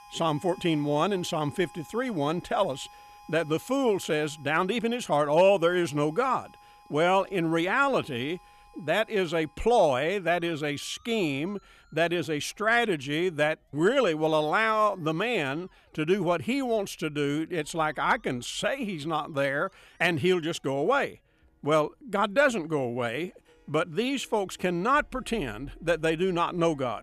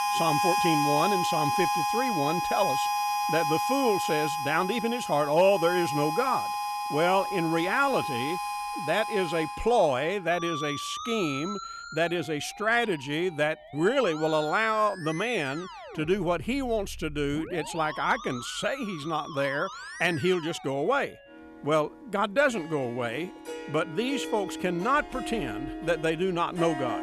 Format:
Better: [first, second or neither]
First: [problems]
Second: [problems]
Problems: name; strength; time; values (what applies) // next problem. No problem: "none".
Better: first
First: background music; faint; throughout; 30 dB below the speech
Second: background music; loud; throughout; 4 dB below the speech